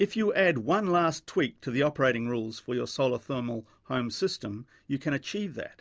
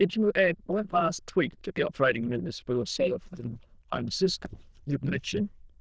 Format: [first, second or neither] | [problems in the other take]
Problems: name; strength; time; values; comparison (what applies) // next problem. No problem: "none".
first | noise reduction (neural diffusion model UNIVERSE++)